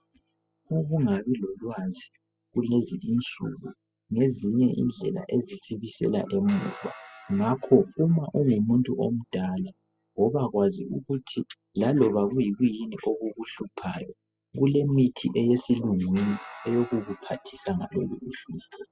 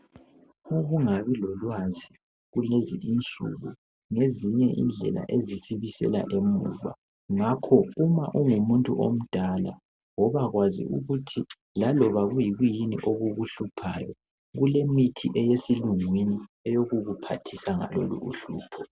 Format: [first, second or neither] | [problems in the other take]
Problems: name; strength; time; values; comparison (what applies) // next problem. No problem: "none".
second | noise reduction (classical method spectral subtraction)